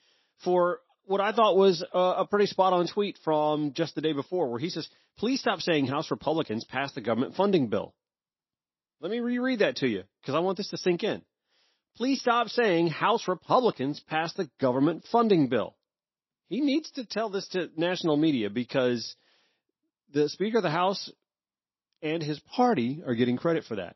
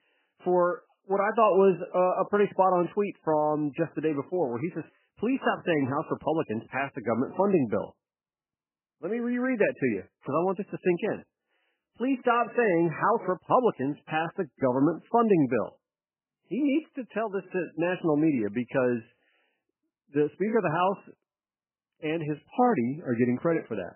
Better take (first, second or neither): first